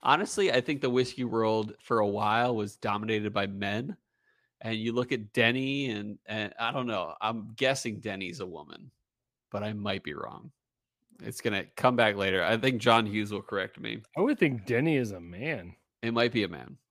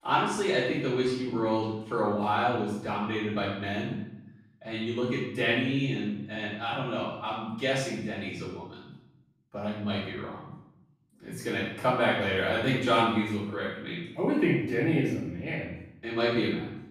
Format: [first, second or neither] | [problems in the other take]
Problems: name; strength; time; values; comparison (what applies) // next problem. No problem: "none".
first | off-mic speech; far // room echo; noticeable; dies away in 0.8 s